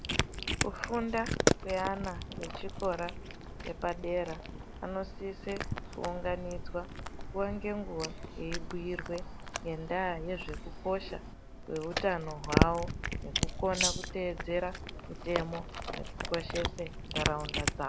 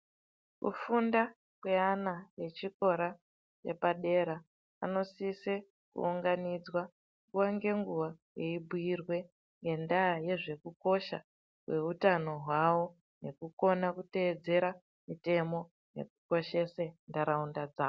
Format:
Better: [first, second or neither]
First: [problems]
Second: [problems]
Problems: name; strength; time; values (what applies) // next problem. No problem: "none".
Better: second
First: background sound (Cat + Rattle (instrument)); 1 dB above the speech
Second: none